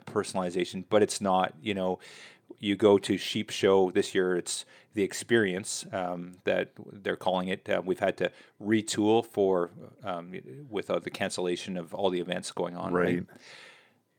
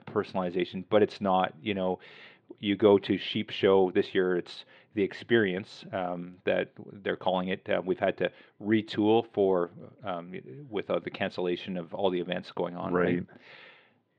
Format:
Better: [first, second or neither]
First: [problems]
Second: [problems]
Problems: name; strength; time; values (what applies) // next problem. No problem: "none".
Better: first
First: none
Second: muffled; slightly; fading above 3.5 kHz